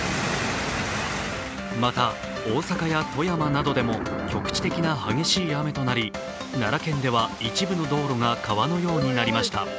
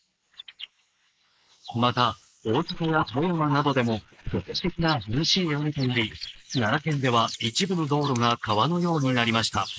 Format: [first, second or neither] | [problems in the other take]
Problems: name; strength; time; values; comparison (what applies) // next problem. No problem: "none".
first | noise reduction (neural mask model Resemble Enhance denoiser)